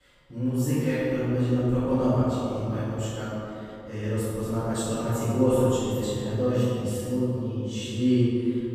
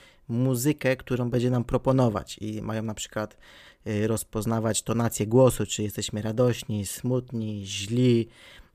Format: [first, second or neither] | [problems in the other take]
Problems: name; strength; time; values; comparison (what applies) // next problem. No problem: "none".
second | room echo; strong; dies away in 2.6 s // off-mic speech; far